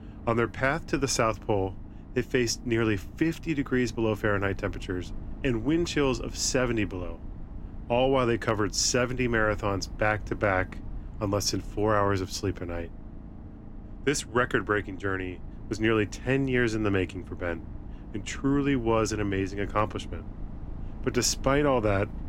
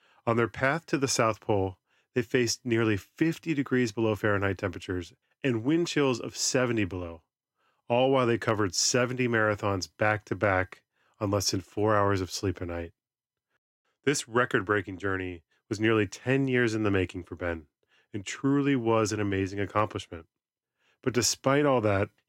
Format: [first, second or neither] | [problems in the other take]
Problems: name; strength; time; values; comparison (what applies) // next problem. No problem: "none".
second | low rumble; faint; throughout; 25 dB below the speech